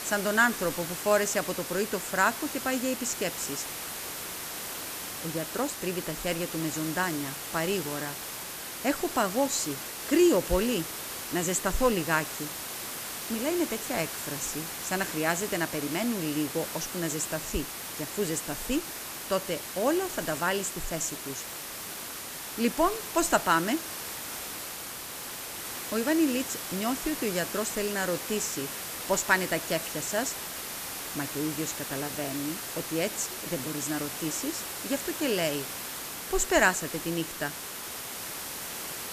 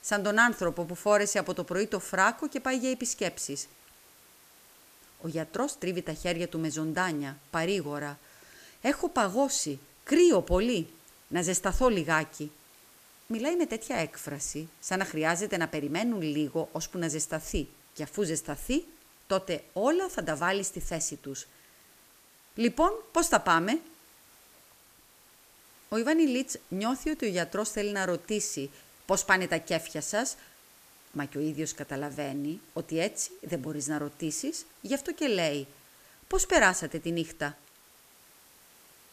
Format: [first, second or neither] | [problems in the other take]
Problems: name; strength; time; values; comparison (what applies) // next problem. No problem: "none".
second | hiss; loud; throughout; 5 dB below the speech; faint in the second